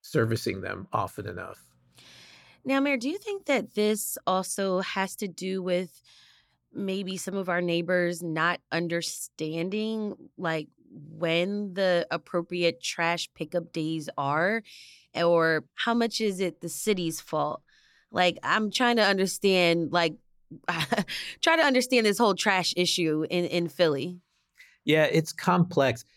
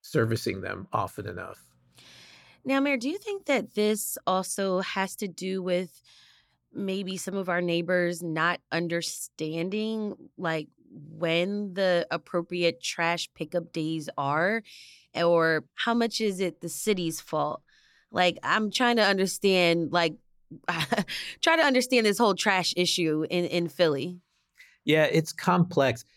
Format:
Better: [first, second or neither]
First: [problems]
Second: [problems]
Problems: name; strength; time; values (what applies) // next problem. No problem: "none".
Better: neither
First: none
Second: none